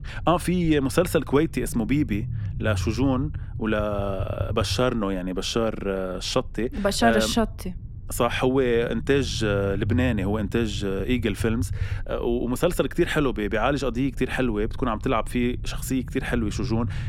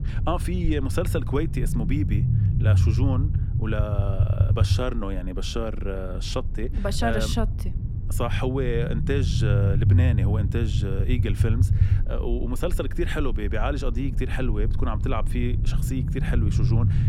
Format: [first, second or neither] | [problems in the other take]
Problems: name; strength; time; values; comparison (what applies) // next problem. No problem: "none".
first | low rumble; loud; throughout; 7 dB below the speech; faint in the first